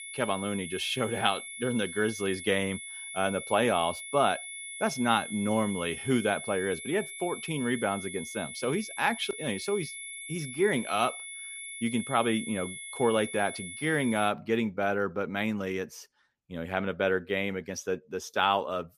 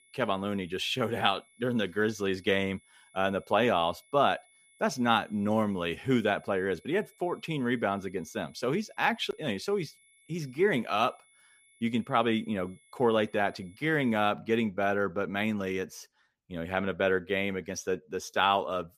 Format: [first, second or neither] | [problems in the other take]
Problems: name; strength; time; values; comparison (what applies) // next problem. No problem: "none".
second | high-pitched whine; loud; until 14 s; 2 kHz, 9 dB below the speech; faint in the second